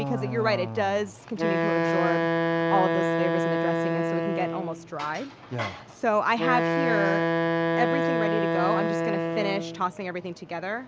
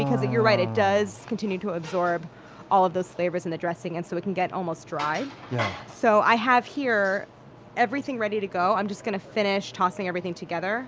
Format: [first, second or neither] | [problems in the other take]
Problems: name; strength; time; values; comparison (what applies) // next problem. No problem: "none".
second | background sound (Wind instrument, woodwind instrument); 2 dB above the speech